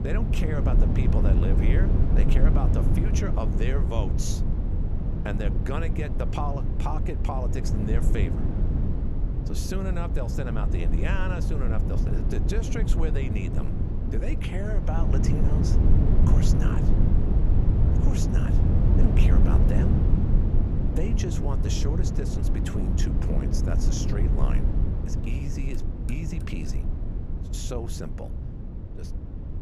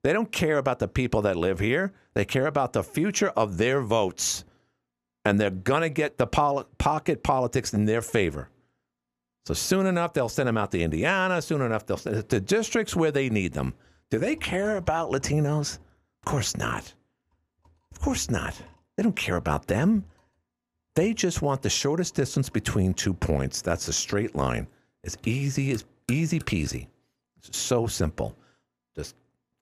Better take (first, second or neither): second